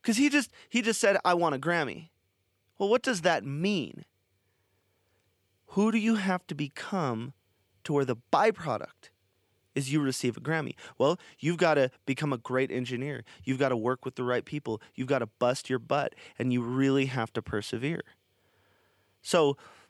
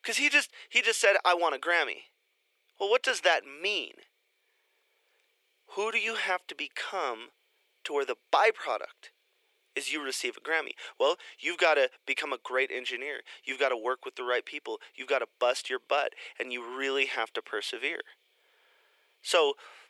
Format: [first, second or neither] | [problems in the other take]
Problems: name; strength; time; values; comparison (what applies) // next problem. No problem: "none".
first | thin; very; fading below 400 Hz